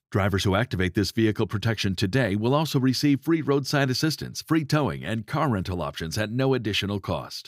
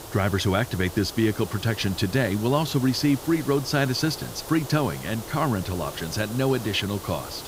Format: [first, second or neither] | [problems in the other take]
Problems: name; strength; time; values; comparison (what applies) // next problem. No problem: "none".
first | hiss; noticeable; throughout; 15 dB below the speech